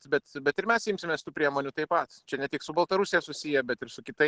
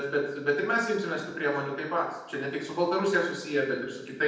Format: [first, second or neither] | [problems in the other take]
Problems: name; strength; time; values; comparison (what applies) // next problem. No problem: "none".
first | room echo; dies away in 0.9 s